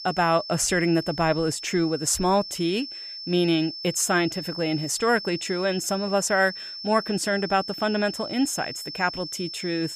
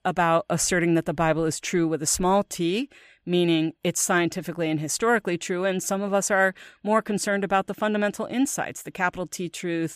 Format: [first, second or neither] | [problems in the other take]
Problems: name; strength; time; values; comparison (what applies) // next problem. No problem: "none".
second | high-pitched whine; loud; throughout; 5.5 kHz, 9 dB below the speech